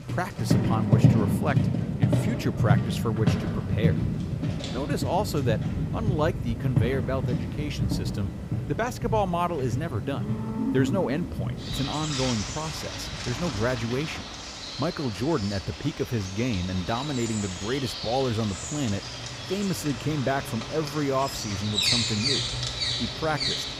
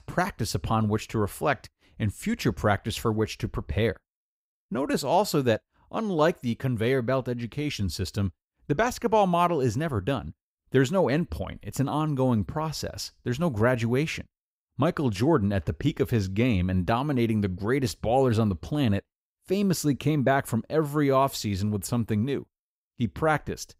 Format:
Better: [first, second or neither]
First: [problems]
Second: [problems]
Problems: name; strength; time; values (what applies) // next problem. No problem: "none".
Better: second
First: animal sounds; very loud; throughout; 1 dB above the speech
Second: none